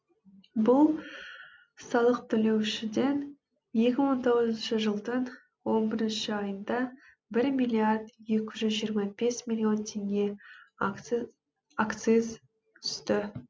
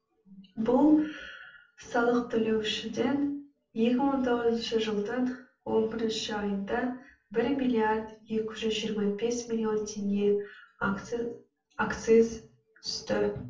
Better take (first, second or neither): first